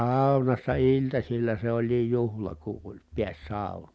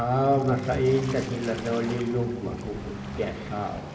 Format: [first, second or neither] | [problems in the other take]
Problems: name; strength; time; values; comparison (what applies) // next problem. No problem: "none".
first | background sound (Waves, surf); 10 dB below the speech // room echo; dies away in 1.4 s